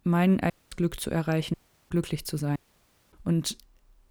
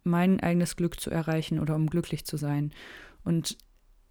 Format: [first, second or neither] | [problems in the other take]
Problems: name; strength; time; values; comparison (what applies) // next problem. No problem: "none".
second | audio cutting out; at 0.5 s, at 1.5 s and at 2.5 s for 0.5 s